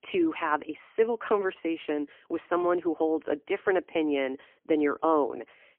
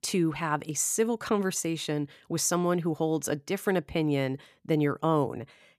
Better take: second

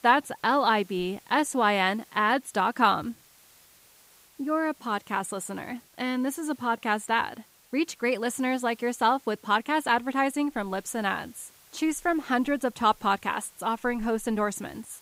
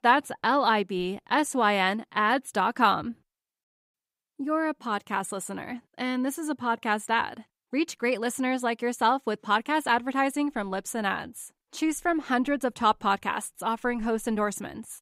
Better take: second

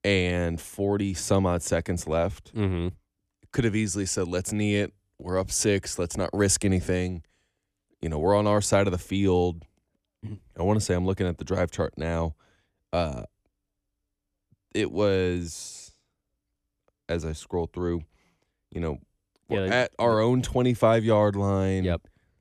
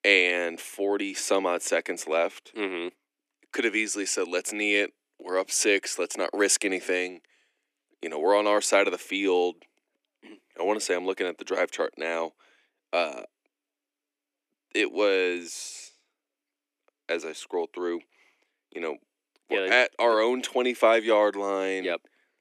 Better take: first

